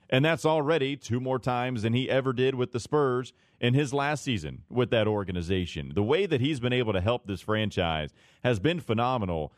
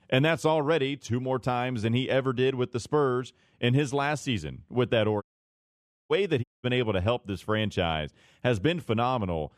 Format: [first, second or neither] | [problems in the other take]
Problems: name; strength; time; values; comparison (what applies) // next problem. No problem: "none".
first | audio cutting out; at 5 s for 1 s and at 6.5 s